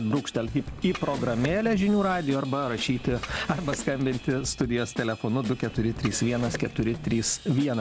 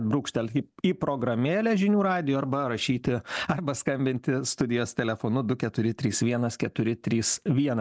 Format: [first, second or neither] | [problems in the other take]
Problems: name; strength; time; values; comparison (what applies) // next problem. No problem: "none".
second | background sound (Drum / Drum kit + Liquid); 12 dB below the speech